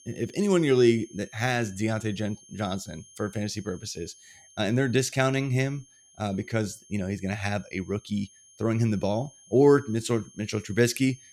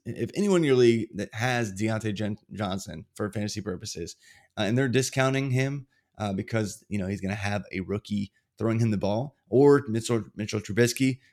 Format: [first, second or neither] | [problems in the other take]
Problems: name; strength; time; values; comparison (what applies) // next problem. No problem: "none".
second | high-pitched whine; faint; throughout; 6.5 kHz, 25 dB below the speech